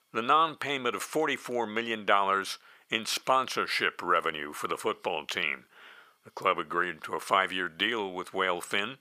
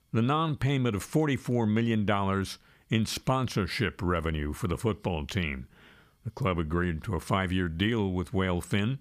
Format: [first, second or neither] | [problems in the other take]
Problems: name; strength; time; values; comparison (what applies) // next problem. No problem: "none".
second | thin; very; fading below 550 Hz